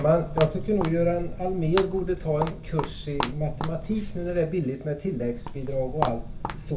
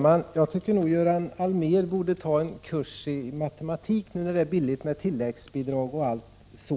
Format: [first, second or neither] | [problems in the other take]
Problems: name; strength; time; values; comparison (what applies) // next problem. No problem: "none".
second | background sound (Walk, footsteps); 6 dB below the speech // room echo; dies away in 0.3 s